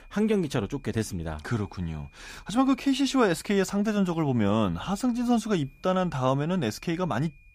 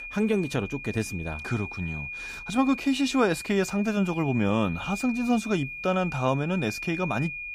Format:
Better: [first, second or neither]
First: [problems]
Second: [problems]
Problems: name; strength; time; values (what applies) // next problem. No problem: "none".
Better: first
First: high-pitched whine; faint; throughout; 2.5 kHz, 35 dB below the speech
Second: high-pitched whine; loud; throughout; 2.5 kHz, 9 dB below the speech